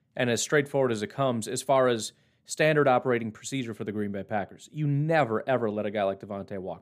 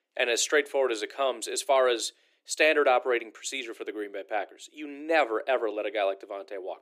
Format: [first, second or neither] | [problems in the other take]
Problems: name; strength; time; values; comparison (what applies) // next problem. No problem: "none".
first | thin; very; fading below 300 Hz